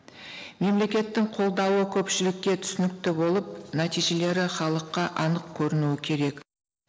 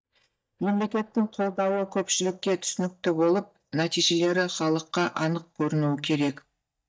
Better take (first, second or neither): first